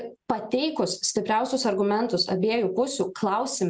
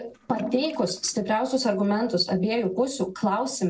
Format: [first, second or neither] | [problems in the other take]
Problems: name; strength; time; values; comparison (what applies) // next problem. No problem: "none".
first | noise reduction (neural separator model SepFormer DNS4)